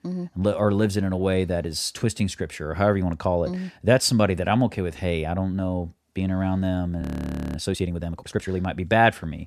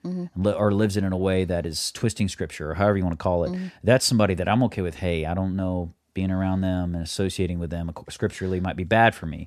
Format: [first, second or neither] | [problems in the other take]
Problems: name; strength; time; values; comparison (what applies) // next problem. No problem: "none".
second | audio freezing; at 7 s for 0.5 s